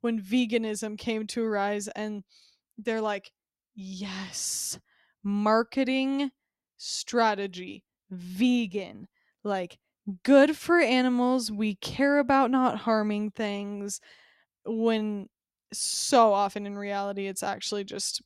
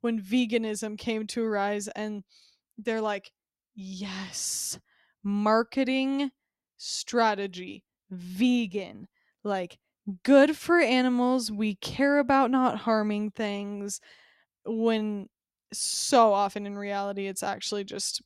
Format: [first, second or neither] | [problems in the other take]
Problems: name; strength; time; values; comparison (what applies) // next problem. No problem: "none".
neither | none